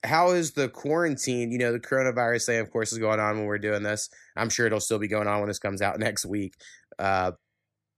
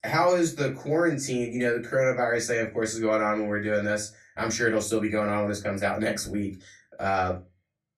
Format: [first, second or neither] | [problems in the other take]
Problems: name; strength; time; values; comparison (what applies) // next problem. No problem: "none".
first | off-mic speech; far // room echo; very slight; dies away in 0.2 s